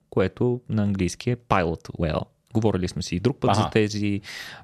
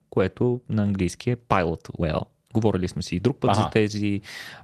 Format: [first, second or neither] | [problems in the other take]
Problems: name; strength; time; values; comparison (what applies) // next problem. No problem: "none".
first | garbled, watery; slightly; nothing above 13.5 kHz